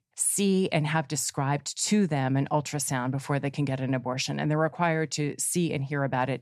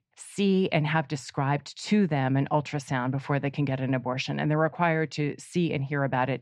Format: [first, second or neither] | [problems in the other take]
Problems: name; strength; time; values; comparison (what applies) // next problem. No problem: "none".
first | muffled; slightly; fading above 3 kHz